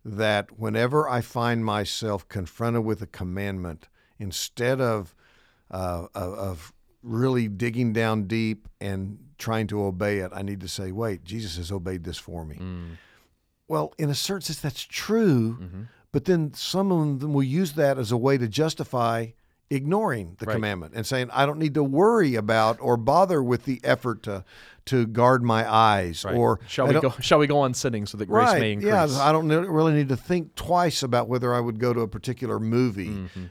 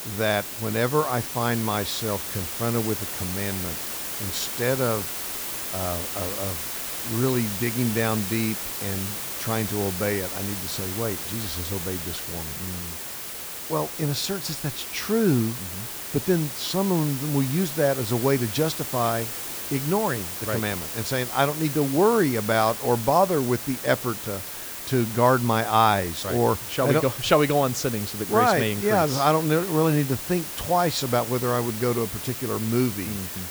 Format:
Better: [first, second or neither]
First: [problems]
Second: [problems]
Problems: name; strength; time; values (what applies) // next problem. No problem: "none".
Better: first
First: none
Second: hiss; loud; throughout; 5 dB below the speech